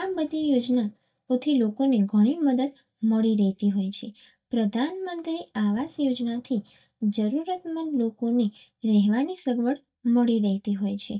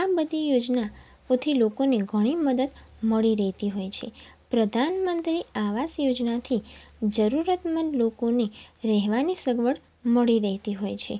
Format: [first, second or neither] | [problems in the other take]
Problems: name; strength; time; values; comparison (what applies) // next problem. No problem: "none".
second | noise reduction (neural mask model DeepFilterNet 3)